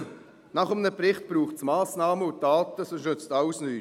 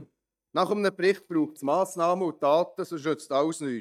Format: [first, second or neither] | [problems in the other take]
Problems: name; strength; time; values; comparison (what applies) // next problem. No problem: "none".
first | noise reduction (neural mask model DeepFilterNet 3)